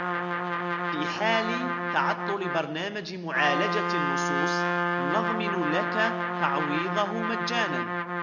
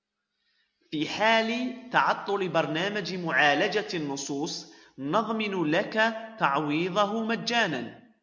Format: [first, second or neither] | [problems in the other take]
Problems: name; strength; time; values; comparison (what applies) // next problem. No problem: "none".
second | background sound (Trumpet); 1 dB above the speech